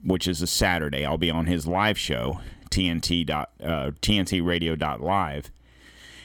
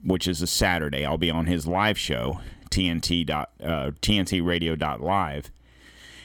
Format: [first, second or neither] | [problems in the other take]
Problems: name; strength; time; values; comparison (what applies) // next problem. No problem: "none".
neither | none